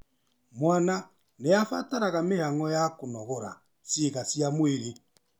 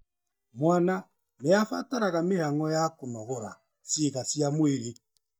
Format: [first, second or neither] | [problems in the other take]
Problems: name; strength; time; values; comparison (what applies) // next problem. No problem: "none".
first | noise reduction (neural mask model DeepFilterNet 3)